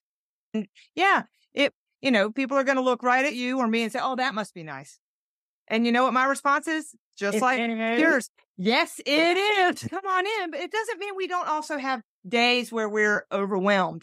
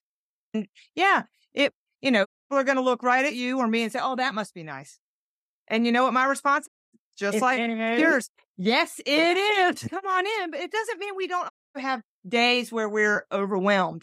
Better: first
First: none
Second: audio cutting out; at 2.5 s, at 6.5 s and at 12 s

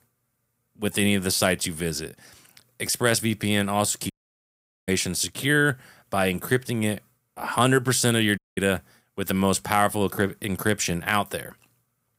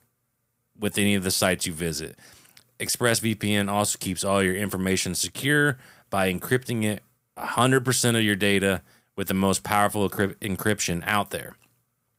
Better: second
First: audio cutting out; at 4 s for 1 s and at 8.5 s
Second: none

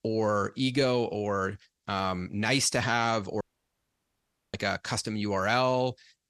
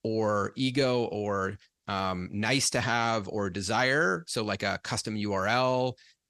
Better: second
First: audio cutting out; at 3.5 s for 1 s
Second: none

